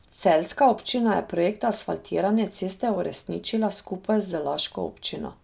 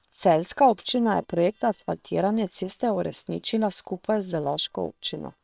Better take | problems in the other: first | noise reduction (neural separator model SepFormer WHAM!)

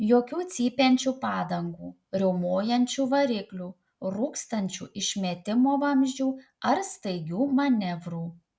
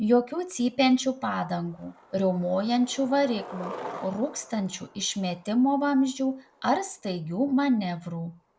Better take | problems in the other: first | background sound (Skateboard); 19 dB below the speech

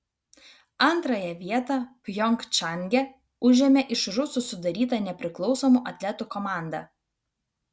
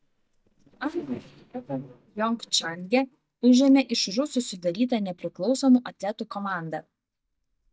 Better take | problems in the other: first | noise reduction (neural mask model DeepFilterNet 3)

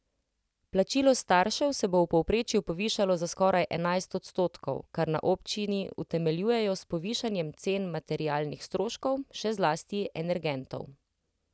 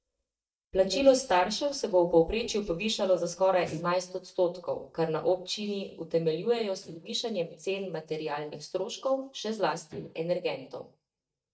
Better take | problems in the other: first | noise reduction (neural mask model DeepFilterNet 3)

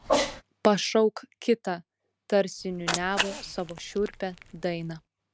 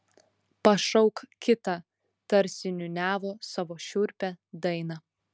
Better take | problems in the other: second | background sound (Cat); 6 dB below the speech

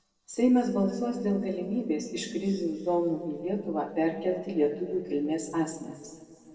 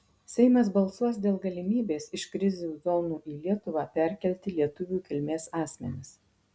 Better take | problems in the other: second | noise reduction (neural separator model SepFormer DNS4)

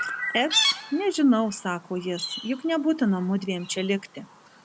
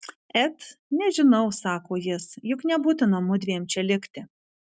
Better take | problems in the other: second | background sound (Chirp, tweet); 6 dB below the speech

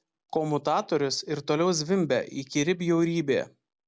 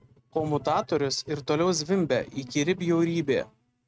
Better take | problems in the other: first | noise reduction (neural mask model RNNoise)

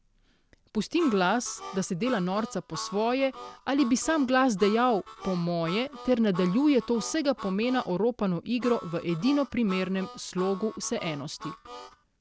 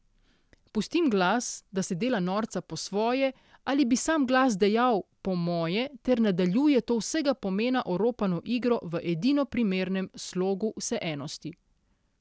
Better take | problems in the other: second | background sound (Harmonica); 15 dB below the speech

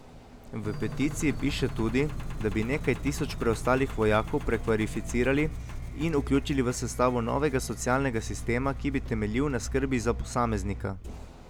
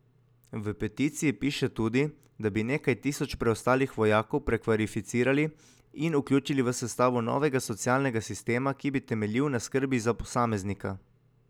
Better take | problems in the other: second | background sound (Engine); 7 dB below the speech

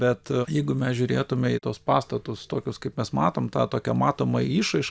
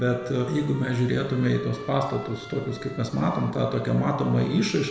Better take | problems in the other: first | background sound (Trumpet); 20 dB below the speech // room echo; dies away in 1 s

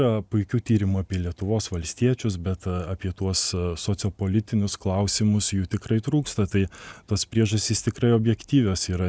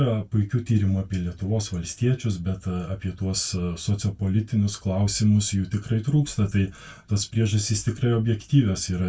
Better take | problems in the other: first | room echo; dies away in 0.1 s

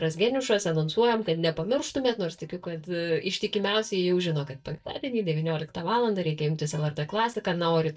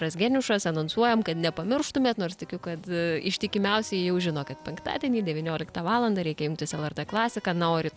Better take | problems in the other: second | noise reduction (neural mask model DeepFilterNet 3)

